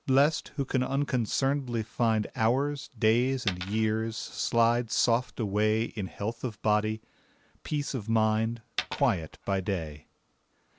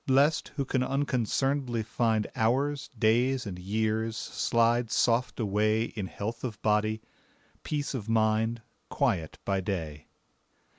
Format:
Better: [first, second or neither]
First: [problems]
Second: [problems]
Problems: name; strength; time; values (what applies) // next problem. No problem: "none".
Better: second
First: background sound (Coin (dropping)); 12 dB below the speech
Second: none